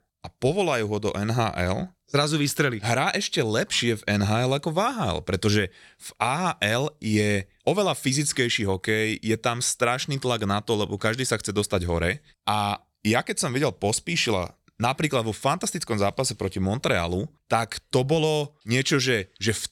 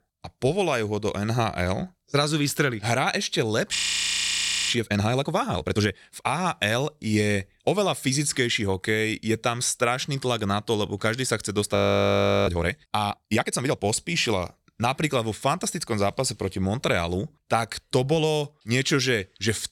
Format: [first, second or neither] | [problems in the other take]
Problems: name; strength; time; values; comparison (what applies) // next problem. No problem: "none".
first | audio freezing; at 4 s for 1 s and at 12 s for 0.5 s